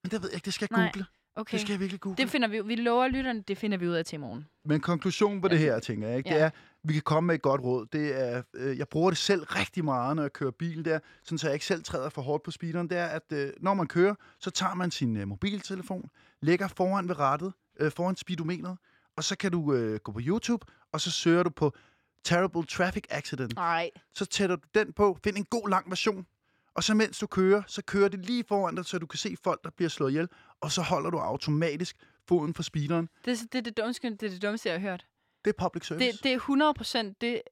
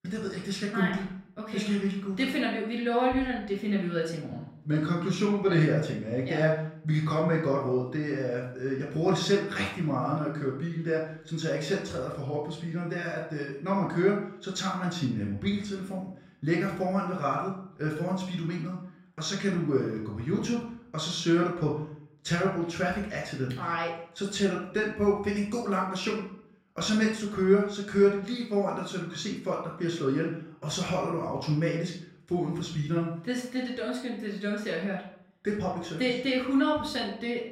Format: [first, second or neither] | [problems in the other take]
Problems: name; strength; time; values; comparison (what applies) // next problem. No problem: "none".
first | off-mic speech; far // room echo; noticeable; dies away in 0.5 s